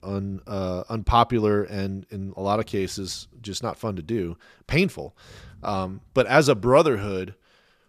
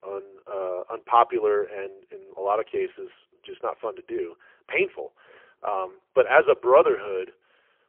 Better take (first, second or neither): first